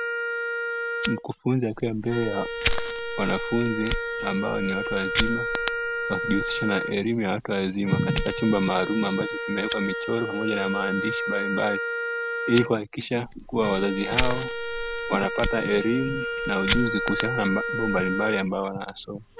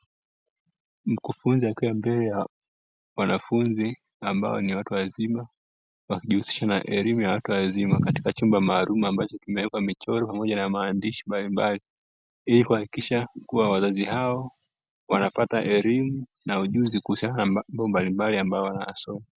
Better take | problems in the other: second | background sound (Fire + Wind instrument, woodwind instrument); 2 dB below the speech

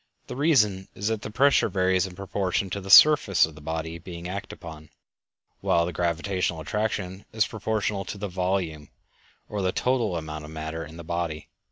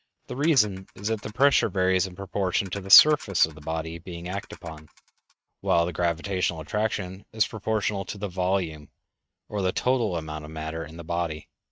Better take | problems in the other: first | noise reduction (neural mask model RNNoise)

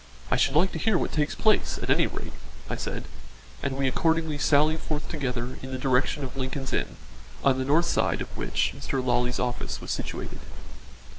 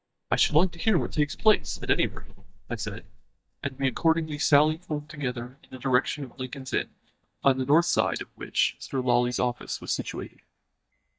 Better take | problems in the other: first | noise reduction (neural mask model DeepFilterNet 3)

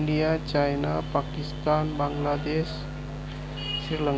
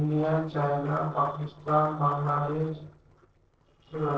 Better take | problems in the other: first | noise reduction (neural separator model SepFormer DNS4)

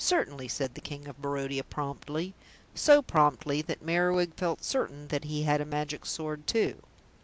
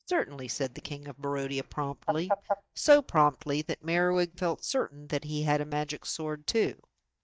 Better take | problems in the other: first | noise reduction (neural mask model DeepFilterNet 3)

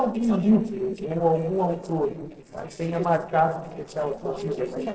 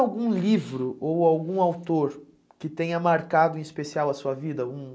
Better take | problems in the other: second | noise reduction (neural separator model SepFormer DNS4)

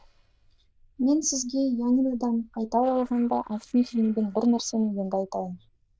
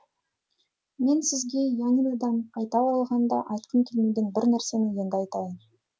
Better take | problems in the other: second | noise reduction (neural diffusion model UNIVERSE++)

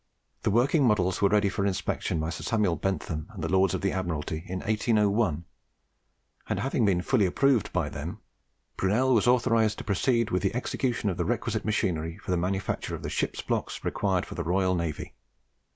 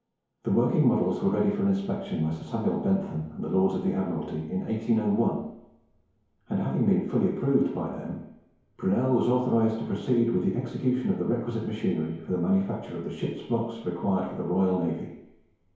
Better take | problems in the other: first | room echo; dies away in 1 s

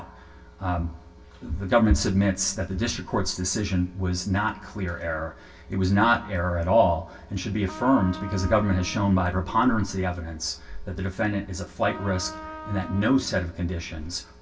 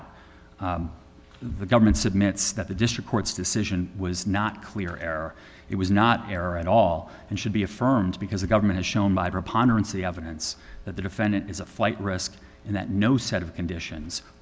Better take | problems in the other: second | background sound (Trumpet); 15 dB below the speech // room echo; dies away in 0.2 s

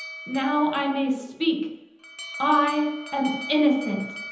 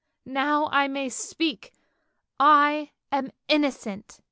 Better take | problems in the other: second | background sound (Alarm); 14 dB below the speech // room echo; dies away in 0.9 s

